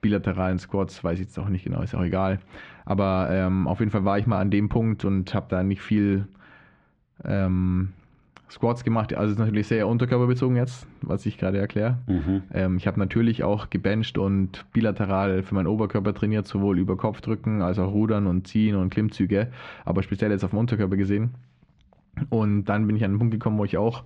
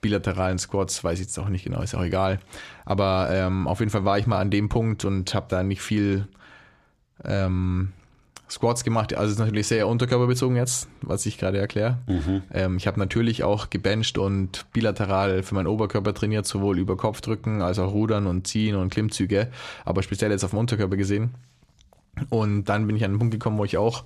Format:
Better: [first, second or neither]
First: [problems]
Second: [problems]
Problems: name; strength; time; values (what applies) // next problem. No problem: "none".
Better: second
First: muffled; slightly; fading above 2.5 kHz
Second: none